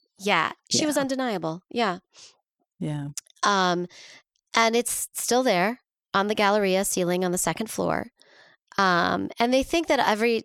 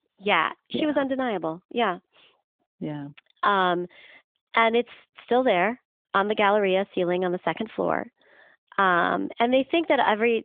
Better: first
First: none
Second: phone-call audio; nothing above 3.5 kHz

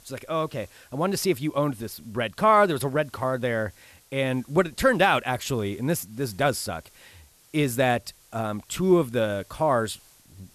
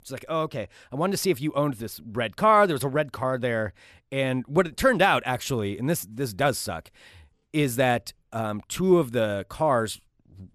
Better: second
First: hiss; faint; throughout; 30 dB below the speech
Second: none

